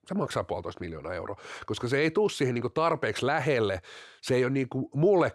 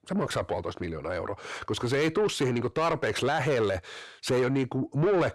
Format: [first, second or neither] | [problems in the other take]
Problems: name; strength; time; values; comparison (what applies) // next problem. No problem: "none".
first | distortion; slight; 10 dB below the speech